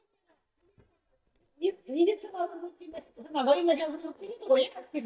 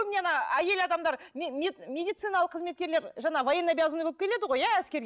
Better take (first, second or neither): second